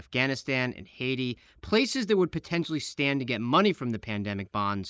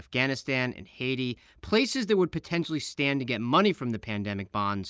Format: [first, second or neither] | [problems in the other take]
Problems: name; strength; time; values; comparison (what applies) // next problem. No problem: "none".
second | noise reduction (neural mask model Resemble Enhance denoiser)